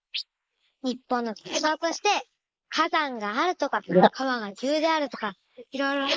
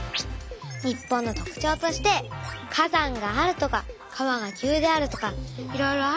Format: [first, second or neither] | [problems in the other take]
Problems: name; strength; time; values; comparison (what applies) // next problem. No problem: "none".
second | noise reduction (neural mask model Resemble Enhance denoiser)